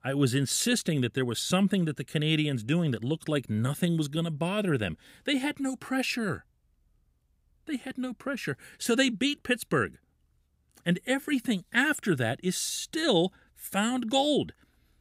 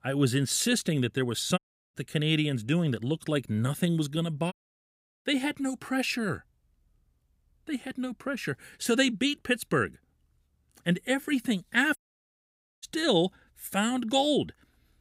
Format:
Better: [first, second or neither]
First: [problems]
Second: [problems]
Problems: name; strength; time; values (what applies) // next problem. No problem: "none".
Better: first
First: none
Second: audio cutting out; at 1.5 s, at 4.5 s for 0.5 s and at 12 s for 1 s